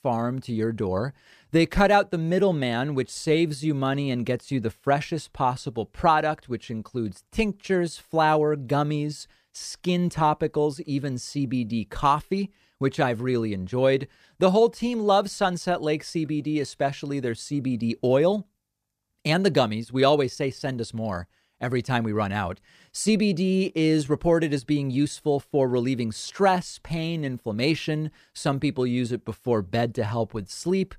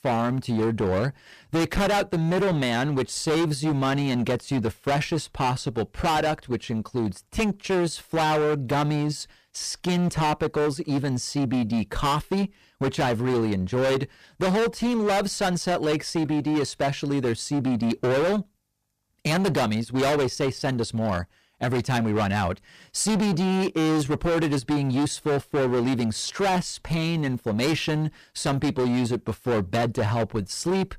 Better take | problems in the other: first | distortion; heavy; 23% of the sound clipped

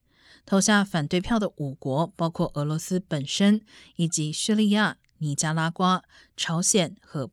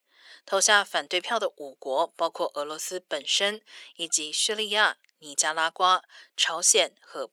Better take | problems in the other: first | thin; very; fading below 450 Hz

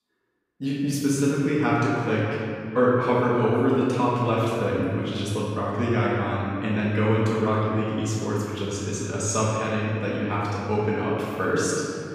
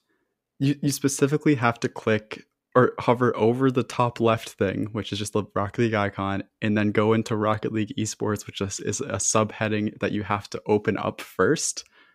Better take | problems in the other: second | room echo; strong; dies away in 2.3 s // off-mic speech; far

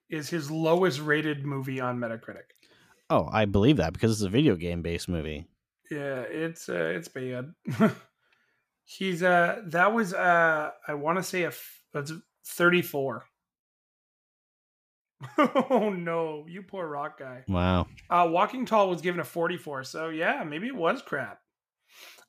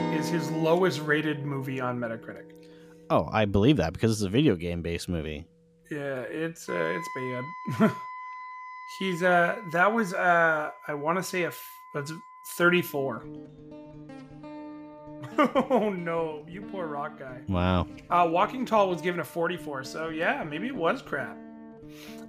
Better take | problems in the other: first | background music; noticeable; throughout; 15 dB below the speech

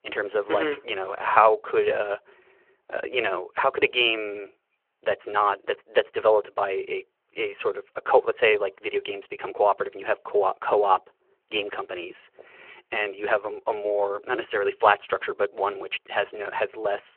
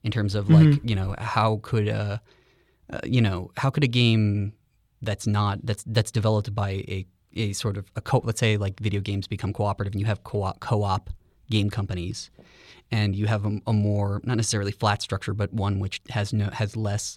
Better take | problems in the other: second | phone-call audio

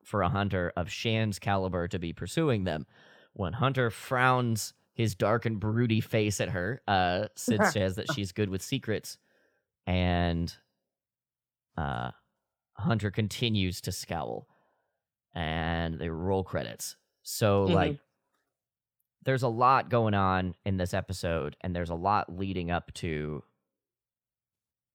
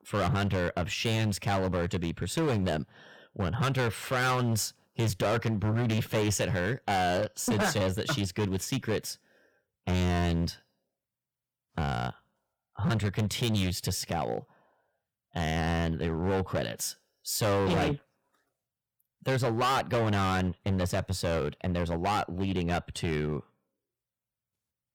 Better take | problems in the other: first | distortion; heavy; 13% of the sound clipped

